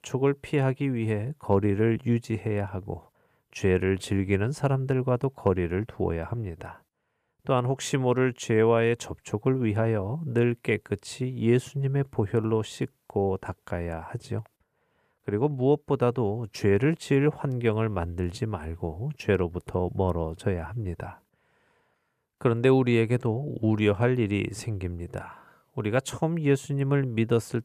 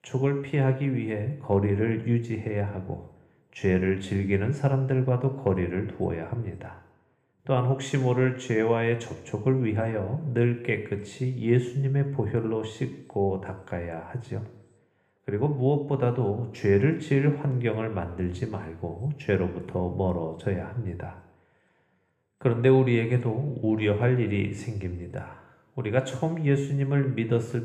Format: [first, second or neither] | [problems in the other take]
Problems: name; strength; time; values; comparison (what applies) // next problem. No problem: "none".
first | room echo; slight; dies away in 0.9 s